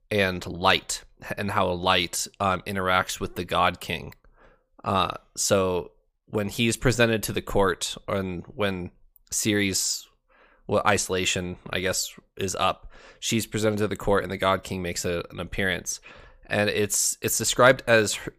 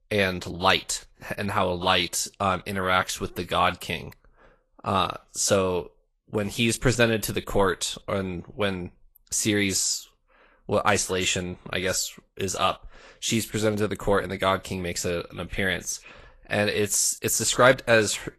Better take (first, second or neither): first